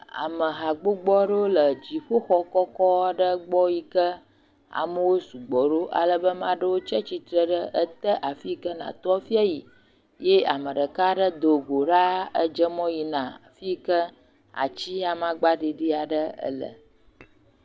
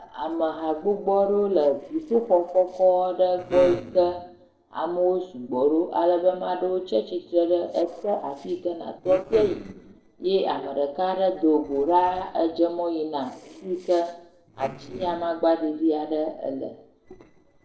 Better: first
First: none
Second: noise reduction (neural separator model SepFormer DNS4)

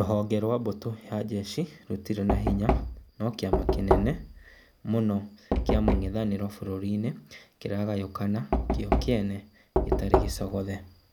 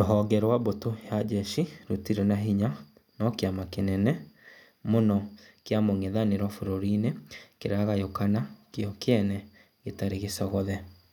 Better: second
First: background sound (Knock); as loud as the speech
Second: none

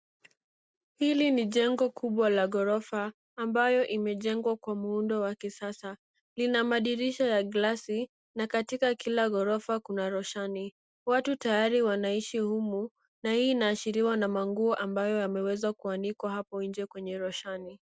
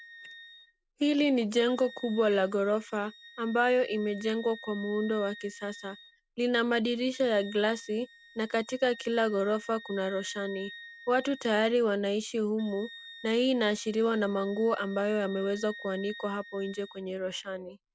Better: first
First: none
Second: background sound (Wind instrument, woodwind instrument); 19 dB below the speech

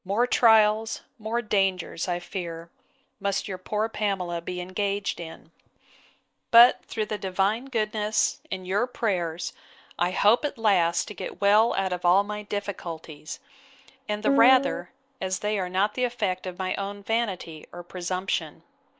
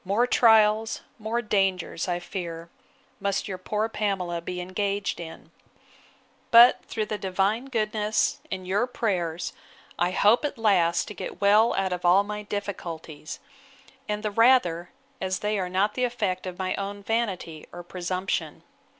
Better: second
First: noise reduction (neural mask model DeepFilterNet 3)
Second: none

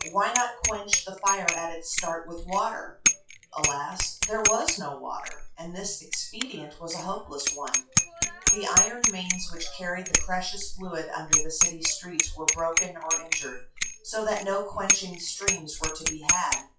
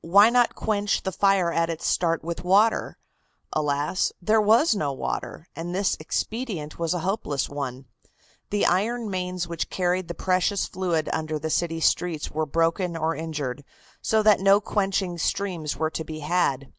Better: second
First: noise reduction (classical method WPE with log-MMSE)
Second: none

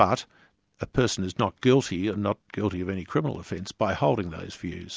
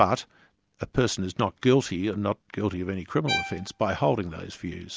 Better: first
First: none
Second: background sound (Bowed string instrument); 7 dB below the speech

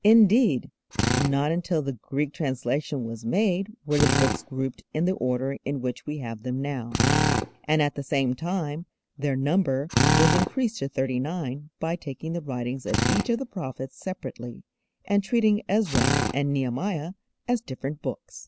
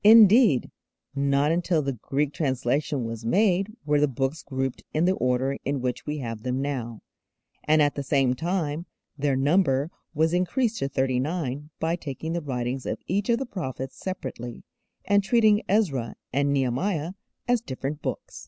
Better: second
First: background sound (Drill); 4 dB below the speech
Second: none

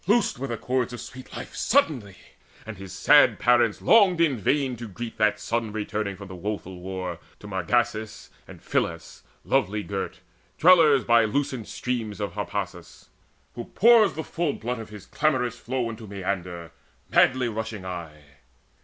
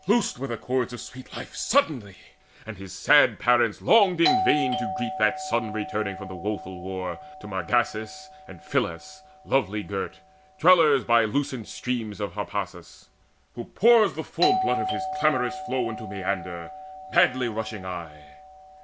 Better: first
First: none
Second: background sound (Doorbell); 8 dB below the speech

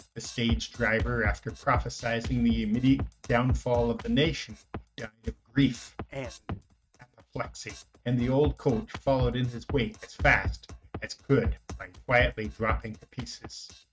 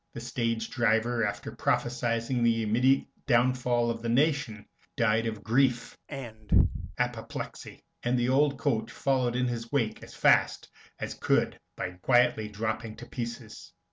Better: second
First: noise reduction (neural mask model RNNoise)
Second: none

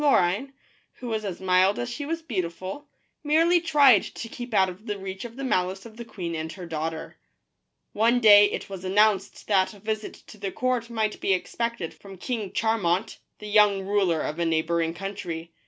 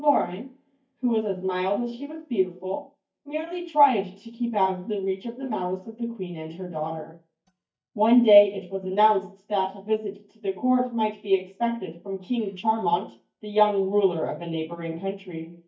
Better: first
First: none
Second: noise reduction (neural mask model DeepFilterNet 3)

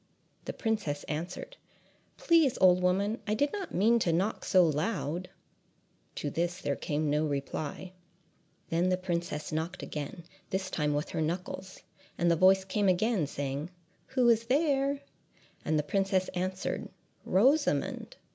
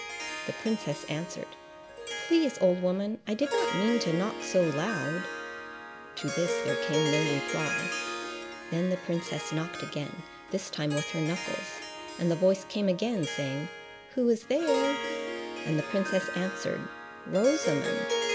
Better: first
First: none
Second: background sound (Harp); 5 dB below the speech

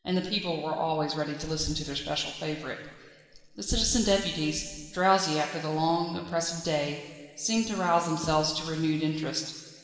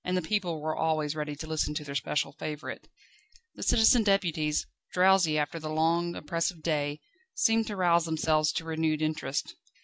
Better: second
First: room echo; dies away in 1.9 s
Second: none

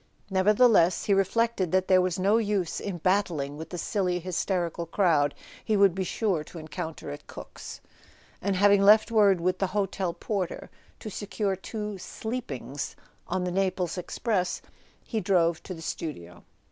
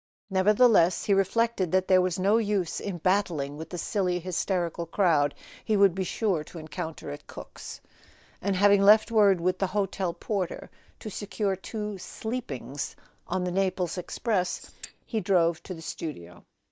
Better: first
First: none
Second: noise reduction (neural mask model DeepFilterNet 3)

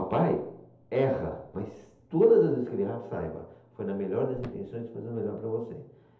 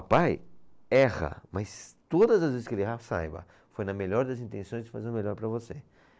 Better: second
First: background sound (Thump, thud); 20 dB below the speech // room echo; dies away in 0.8 s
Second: none

